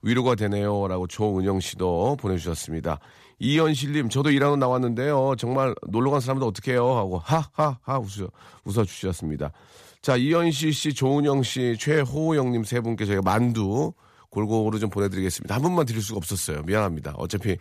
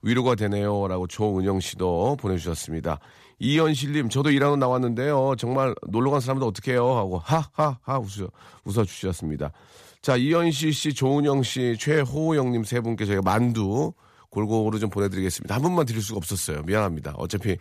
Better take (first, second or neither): neither